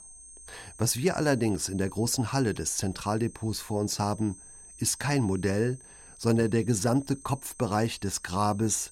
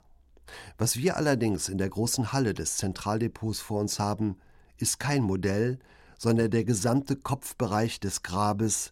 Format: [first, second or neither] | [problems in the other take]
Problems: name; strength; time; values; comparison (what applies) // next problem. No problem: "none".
second | high-pitched whine; noticeable; throughout; 8.5 kHz, 20 dB below the speech